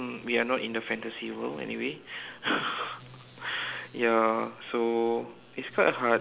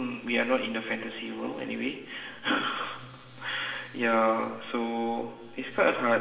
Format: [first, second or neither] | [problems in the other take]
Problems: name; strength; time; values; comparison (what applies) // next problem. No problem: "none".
first | room echo; dies away in 2.9 s